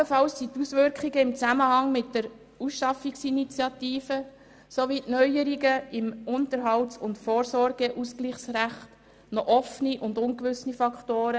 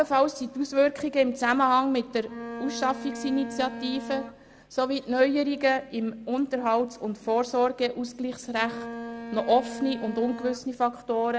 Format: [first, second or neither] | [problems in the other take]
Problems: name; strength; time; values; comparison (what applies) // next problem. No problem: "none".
first | background sound (Bowed string instrument); 11 dB below the speech